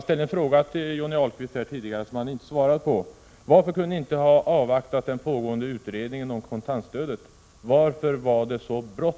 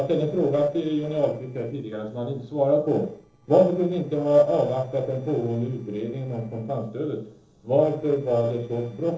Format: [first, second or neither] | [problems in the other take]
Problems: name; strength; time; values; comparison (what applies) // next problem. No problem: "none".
first | noise reduction (neural separator model SepFormer DNS4)